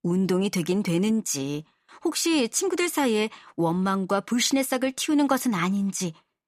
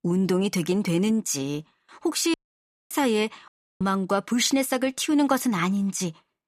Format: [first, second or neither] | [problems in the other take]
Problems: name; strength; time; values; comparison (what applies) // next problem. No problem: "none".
first | audio cutting out; at 2.5 s for 0.5 s and at 3.5 s